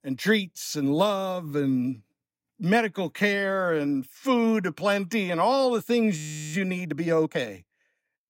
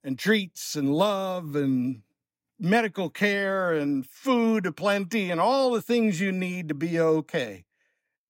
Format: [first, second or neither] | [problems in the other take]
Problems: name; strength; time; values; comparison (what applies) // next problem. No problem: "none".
second | audio freezing; at 6 s